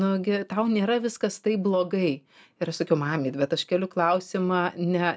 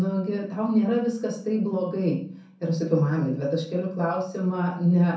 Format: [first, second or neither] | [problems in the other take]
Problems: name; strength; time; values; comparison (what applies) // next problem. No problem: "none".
first | room echo; dies away in 0.5 s